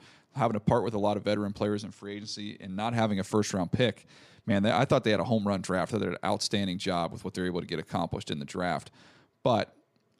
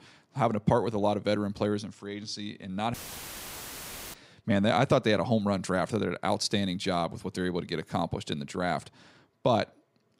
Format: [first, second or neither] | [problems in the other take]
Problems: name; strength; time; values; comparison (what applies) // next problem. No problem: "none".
first | audio cutting out; filled with static; at 3 s for 1 s